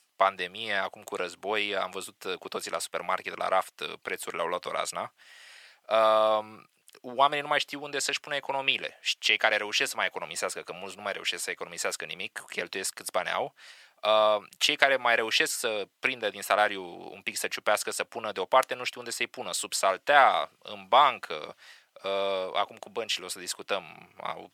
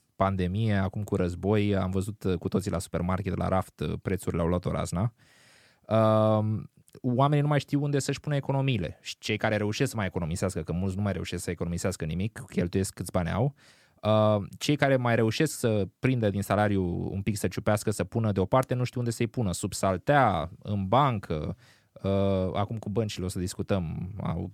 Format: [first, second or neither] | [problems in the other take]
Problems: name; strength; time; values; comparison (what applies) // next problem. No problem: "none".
second | thin; very; fading below 800 Hz